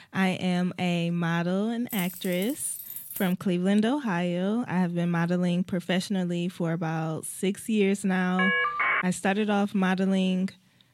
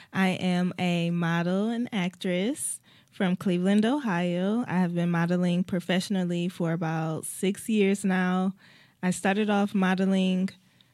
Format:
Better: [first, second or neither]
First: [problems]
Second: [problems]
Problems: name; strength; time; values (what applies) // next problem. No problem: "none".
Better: second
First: jangling keys; noticeable; from 2 to 3.5 s; peak 8 dB below the speech // phone ringing; loud; at 8.5 s; peak 3 dB above the speech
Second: none